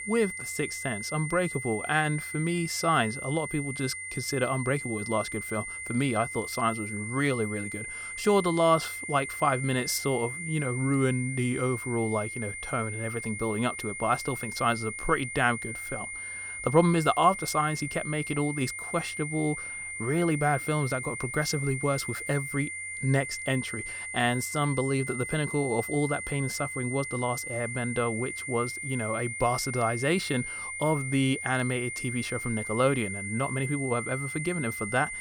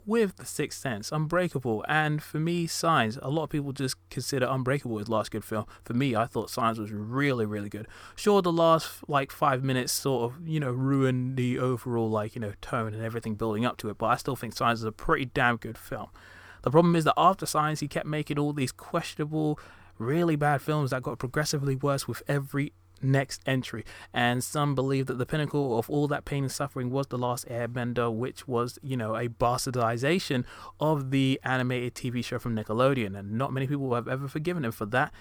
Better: second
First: high-pitched whine; loud; throughout; 2 kHz, 6 dB below the speech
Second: none

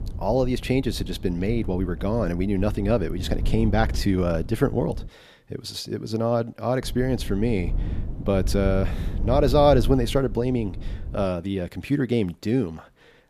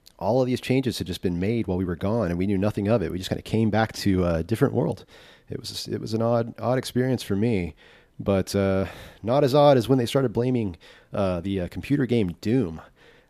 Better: second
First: wind noise on the microphone; occasional gusts; until 5 s and from 7 to 11 s; 20 dB below the speech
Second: none

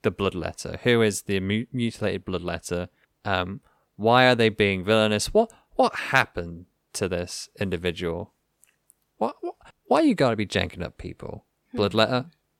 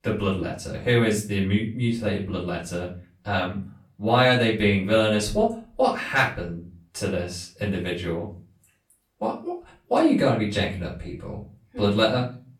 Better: first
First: none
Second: off-mic speech; far // room echo; slight; dies away in 0.3 s

